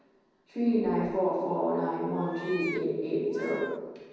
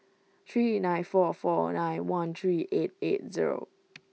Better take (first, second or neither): second